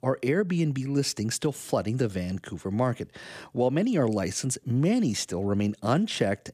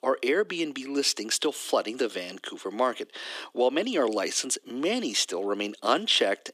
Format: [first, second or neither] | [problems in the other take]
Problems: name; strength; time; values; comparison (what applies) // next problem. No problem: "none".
first | thin; somewhat; fading below 300 Hz